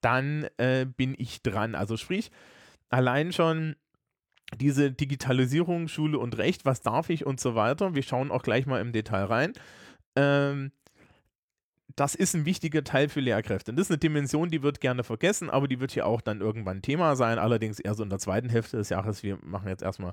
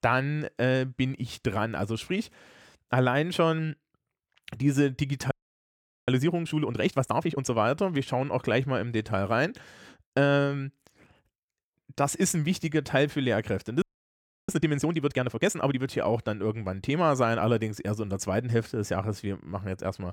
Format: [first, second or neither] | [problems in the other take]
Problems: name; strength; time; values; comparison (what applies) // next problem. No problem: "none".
first | audio freezing; at 5.5 s for 1 s and at 14 s for 0.5 s